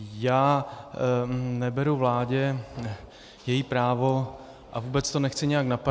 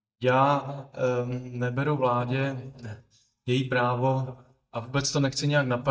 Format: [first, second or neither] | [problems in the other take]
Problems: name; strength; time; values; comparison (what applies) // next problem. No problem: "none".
first | noise reduction (neural mask model DeepFilterNet 3)